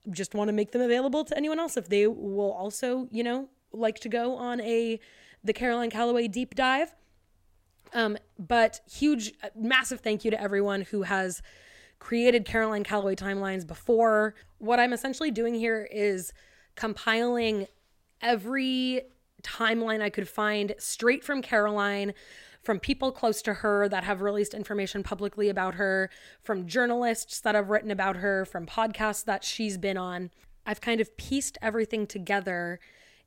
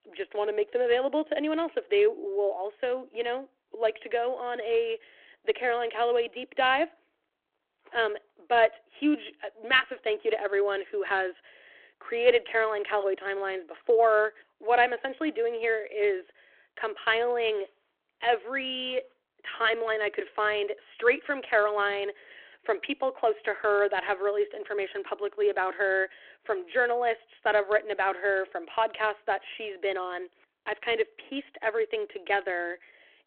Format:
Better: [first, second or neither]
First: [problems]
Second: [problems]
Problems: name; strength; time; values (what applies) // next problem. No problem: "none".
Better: first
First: none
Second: phone-call audio